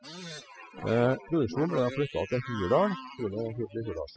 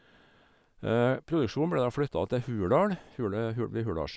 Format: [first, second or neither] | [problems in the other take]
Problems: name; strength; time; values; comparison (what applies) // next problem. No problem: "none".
second | noise reduction (classical method spectral subtraction)